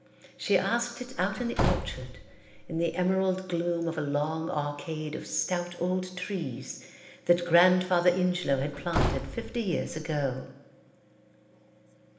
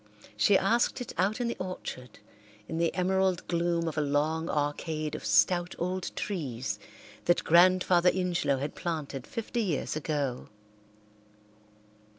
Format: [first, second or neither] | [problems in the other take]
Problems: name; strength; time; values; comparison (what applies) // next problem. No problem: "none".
second | background sound (Slam / Wood); 4 dB below the speech // room echo; dies away in 1.1 s